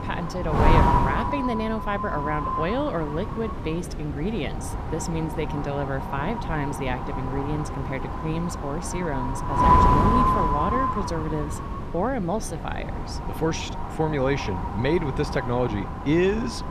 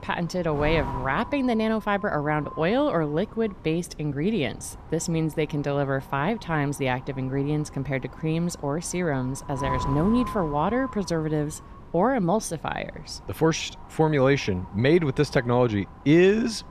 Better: second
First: wind noise on the microphone; heavy; 4 dB above the speech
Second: wind noise on the microphone; occasional gusts; 10 dB below the speech

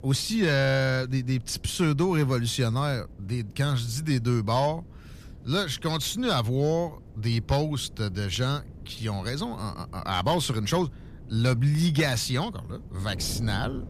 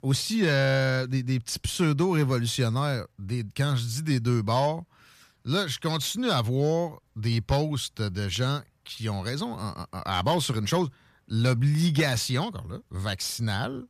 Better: second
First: wind noise on the microphone; occasional gusts; 25 dB below the speech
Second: none

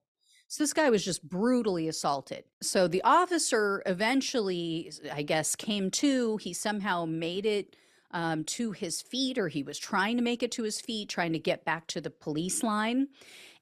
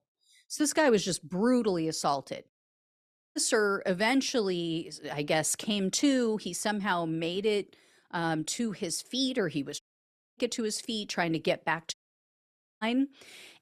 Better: first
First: none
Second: audio cutting out; at 2.5 s for 1 s, at 10 s for 0.5 s and at 12 s for 1 s

